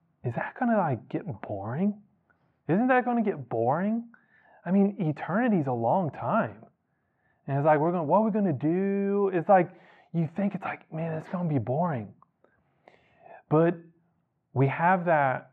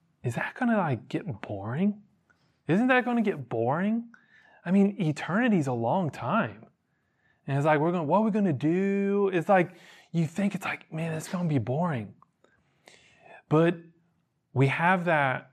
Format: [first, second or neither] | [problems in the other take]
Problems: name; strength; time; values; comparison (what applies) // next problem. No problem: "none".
second | muffled; very; fading above 4 kHz